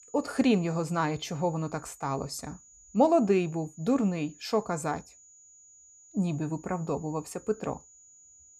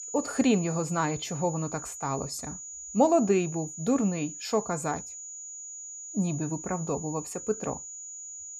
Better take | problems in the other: first | high-pitched whine; loud; throughout; 7 kHz, 9 dB below the speech; faint in the first

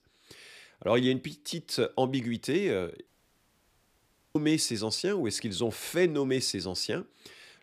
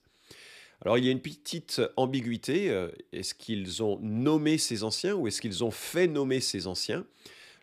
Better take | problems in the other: second | audio cutting out; at 3 s for 1.5 s

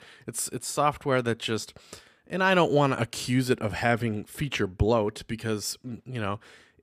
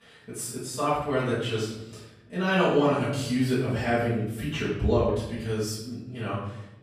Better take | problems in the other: first | off-mic speech; far // room echo; noticeable; dies away in 0.8 s

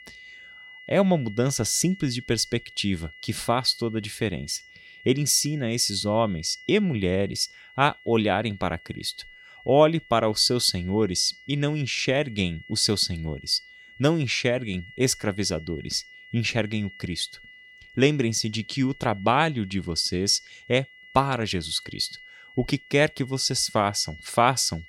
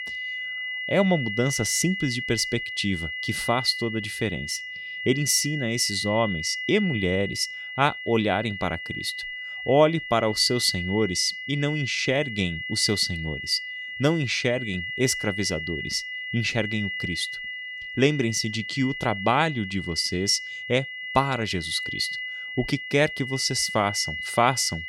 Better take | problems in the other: first | high-pitched whine; loud; throughout; 2 kHz, 6 dB below the speech; faint in the first

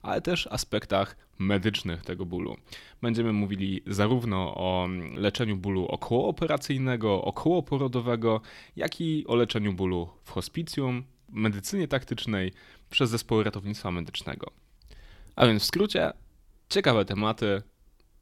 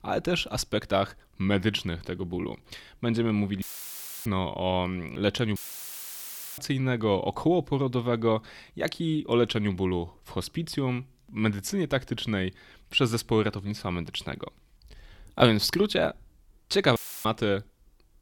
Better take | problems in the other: first | audio cutting out; filled with static; at 3.5 s for 0.5 s, at 5.5 s for 1 s and at 17 s

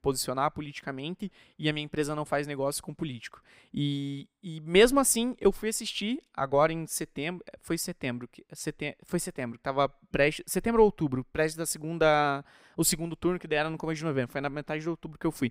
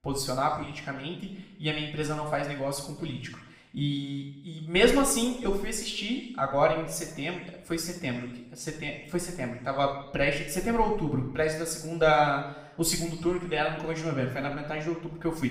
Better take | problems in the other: first | room echo; noticeable; dies away in 0.8 s // off-mic speech; far

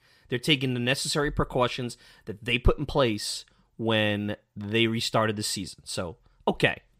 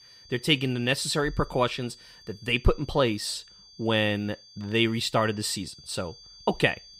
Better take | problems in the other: first | high-pitched whine; faint; throughout; 4.5 kHz, 20 dB below the speech

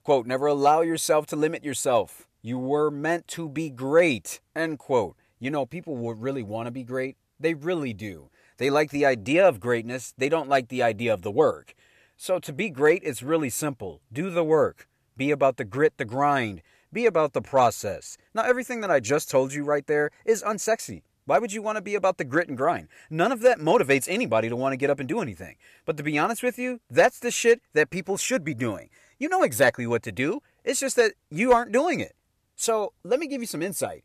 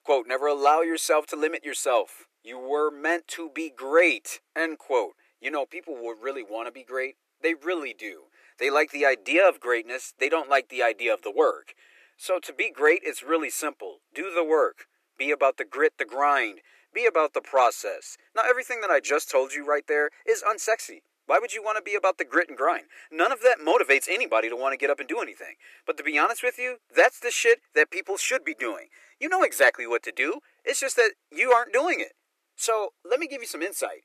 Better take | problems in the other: first | thin; very; fading below 300 Hz

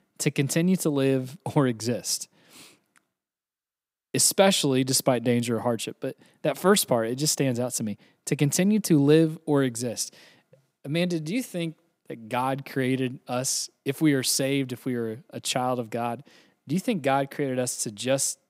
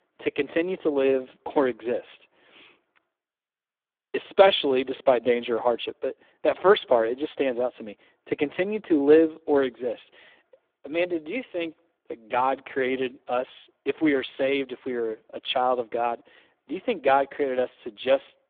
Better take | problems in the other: first | phone-call audio; poor line; nothing above 3.5 kHz

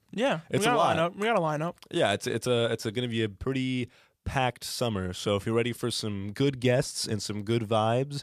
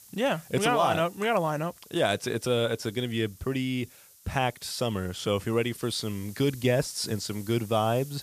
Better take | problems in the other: first | hiss; faint; throughout; 20 dB below the speech

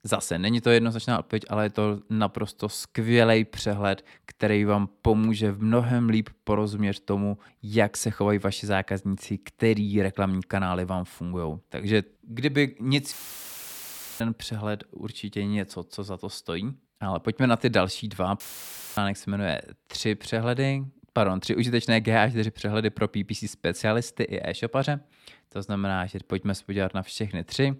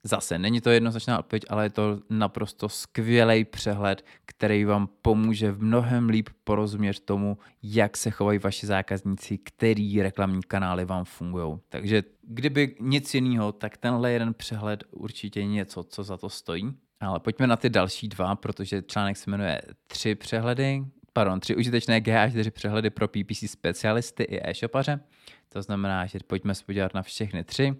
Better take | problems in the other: second | audio cutting out; filled with static; at 13 s for 1 s and at 18 s for 0.5 s

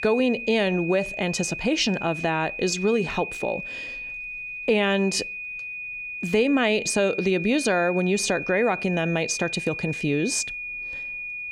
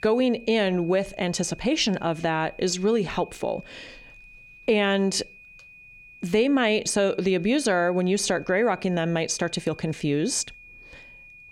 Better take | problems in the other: second | high-pitched whine; loud; throughout; 2.5 kHz, 7 dB below the speech; faint in the second

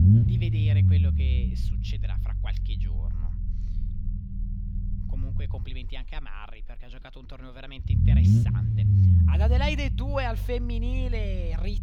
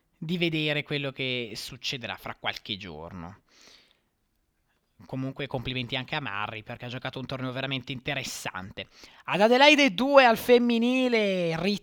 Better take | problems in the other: second | low rumble; loud; throughout; 1 dB below the speech

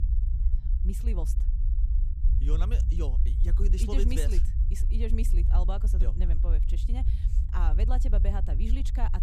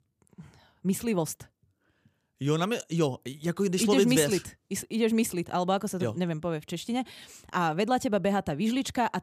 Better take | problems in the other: second | low rumble; loud; throughout; 7 dB below the speech

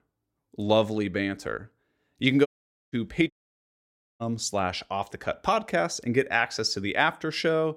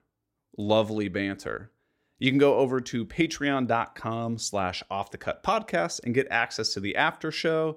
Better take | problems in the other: second | audio cutting out; at 2.5 s and at 3.5 s for 1 s

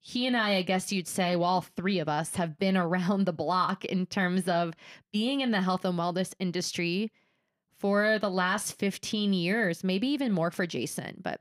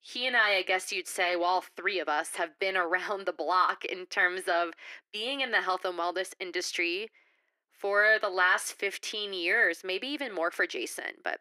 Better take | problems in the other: first | thin; very; fading below 350 Hz

